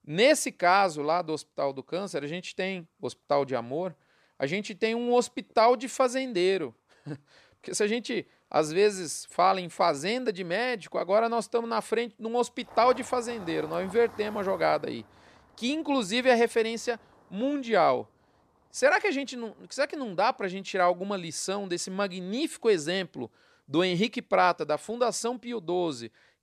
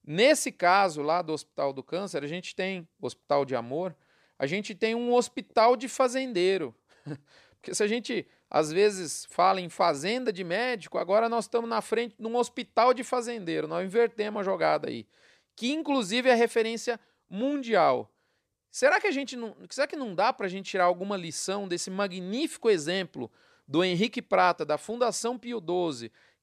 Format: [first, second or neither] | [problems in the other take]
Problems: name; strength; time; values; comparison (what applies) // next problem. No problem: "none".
second | traffic noise; faint; throughout; 25 dB below the speech